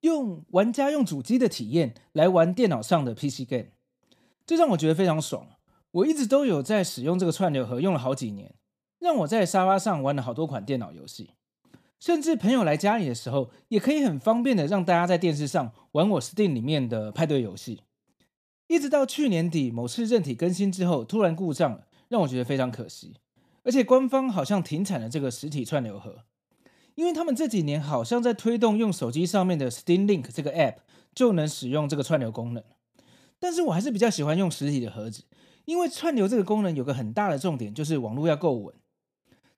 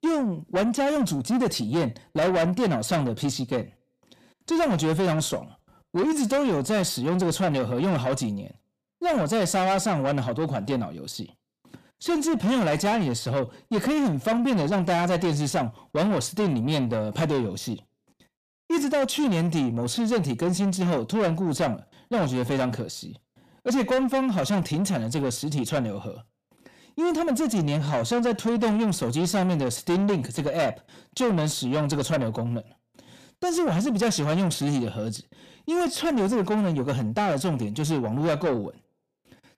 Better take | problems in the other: first | distortion; heavy; 8 dB below the speech

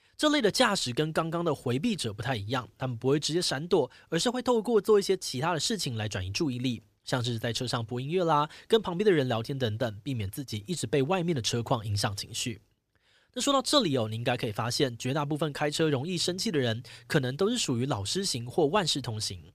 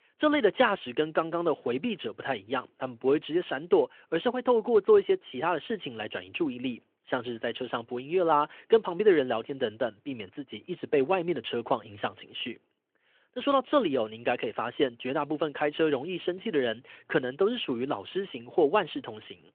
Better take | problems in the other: first | phone-call audio

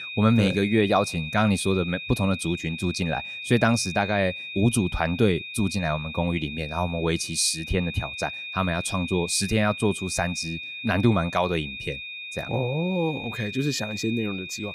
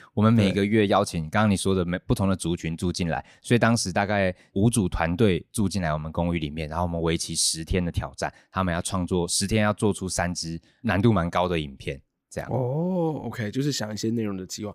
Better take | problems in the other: second | high-pitched whine; loud; throughout; 2.5 kHz, 9 dB below the speech

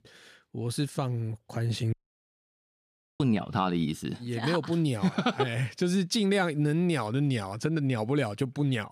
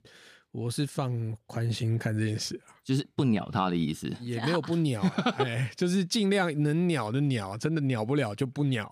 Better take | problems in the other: second | audio cutting out; at 2 s for 1.5 s

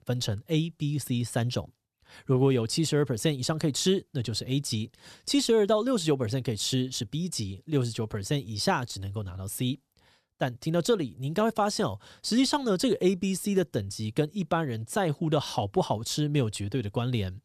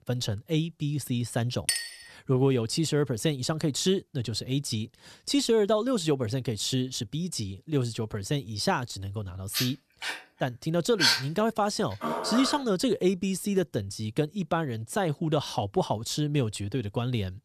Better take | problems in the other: first | clattering dishes; loud; at 1.5 s; peak level with the speech // dog barking; loud; from 9.5 to 13 s; peak 6 dB above the speech

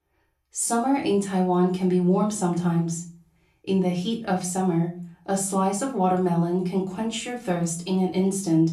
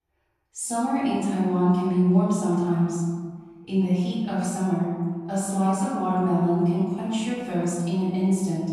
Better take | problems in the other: first | room echo; strong; dies away in 1.6 s; slight in the first // off-mic speech; far; far in the first

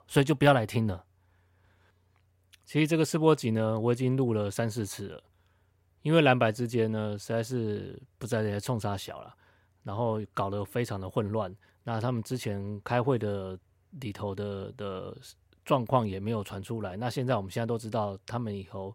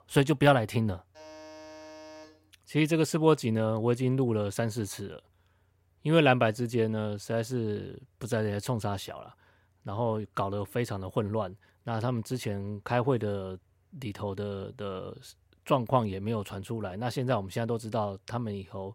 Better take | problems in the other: first | alarm; faint; from 1 to 2.5 s; peak 15 dB below the speech

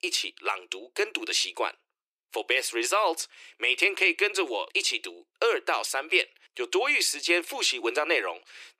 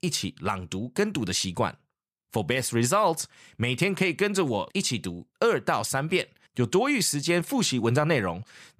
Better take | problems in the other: second | thin; very; fading below 350 Hz

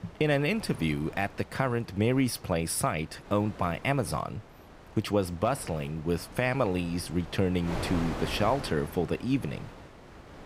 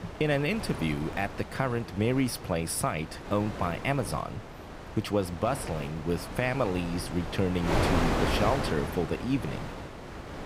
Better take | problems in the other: first | wind noise on the microphone; heavy; 5 dB below the speech; occasional gusts in the first

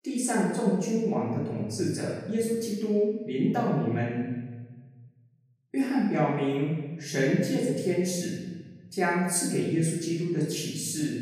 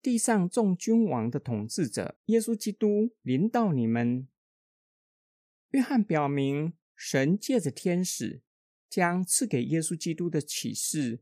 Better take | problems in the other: second | off-mic speech; far // room echo; noticeable; dies away in 1.2 s

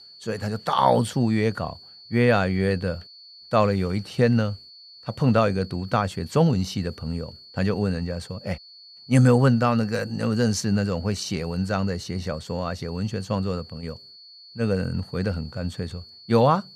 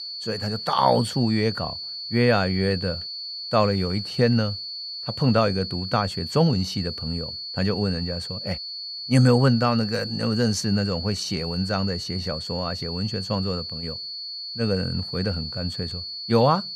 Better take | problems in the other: first | high-pitched whine; loud; throughout; 4.5 kHz, 7 dB below the speech; faint in the first

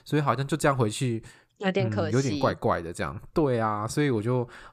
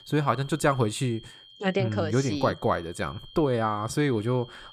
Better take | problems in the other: first | high-pitched whine; faint; throughout; 3 kHz, 20 dB below the speech

